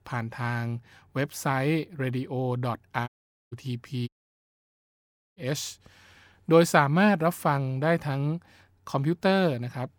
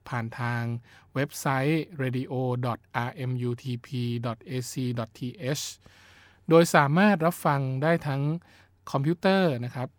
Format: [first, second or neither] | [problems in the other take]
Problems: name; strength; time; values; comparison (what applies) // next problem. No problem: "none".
second | audio cutting out; at 3 s and at 4 s for 1.5 s